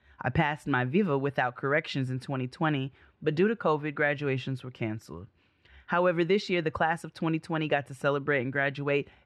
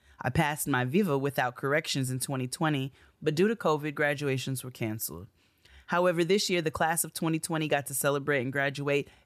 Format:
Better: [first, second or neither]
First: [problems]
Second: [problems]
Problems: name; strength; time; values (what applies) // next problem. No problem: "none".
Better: second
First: muffled; slightly; fading above 2.5 kHz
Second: none